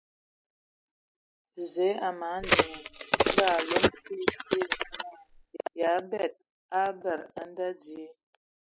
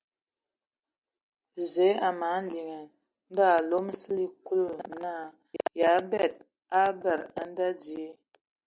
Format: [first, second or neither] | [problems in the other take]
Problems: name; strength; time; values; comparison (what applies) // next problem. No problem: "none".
second | noise reduction (classical method spectral subtraction)